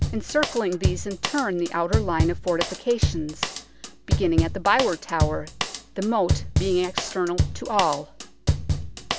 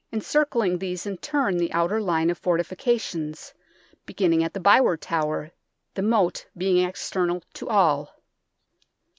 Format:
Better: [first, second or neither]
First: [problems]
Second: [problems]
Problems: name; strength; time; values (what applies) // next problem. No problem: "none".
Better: second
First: background sound (Drum kit); 1 dB below the speech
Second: none